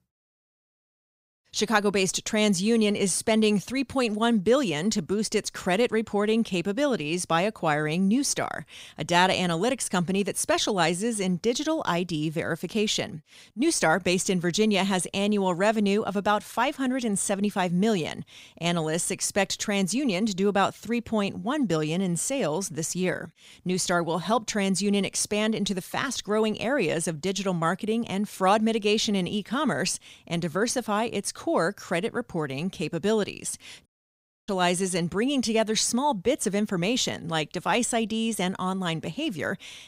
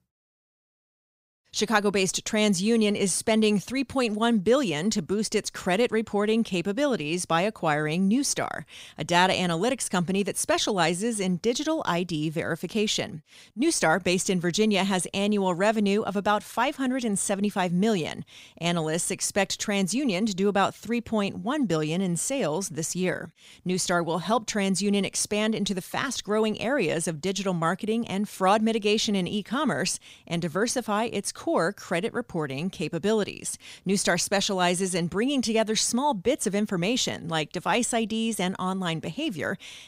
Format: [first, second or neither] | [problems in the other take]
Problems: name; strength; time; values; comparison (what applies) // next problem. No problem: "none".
second | audio cutting out; at 34 s for 0.5 s